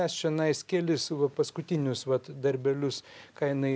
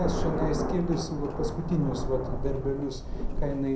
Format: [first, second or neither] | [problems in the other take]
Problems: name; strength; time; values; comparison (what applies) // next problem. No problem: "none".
first | background sound (Thunder); as loud as the speech // room echo; dies away in 0.6 s